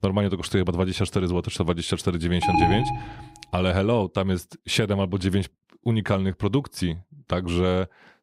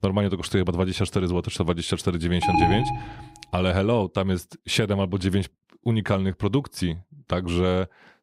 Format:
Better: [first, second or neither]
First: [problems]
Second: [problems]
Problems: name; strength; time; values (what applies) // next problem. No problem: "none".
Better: neither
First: alarm; loud; at 2.5 s; peak 3 dB above the speech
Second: alarm; loud; at 2.5 s; peak 3 dB above the speech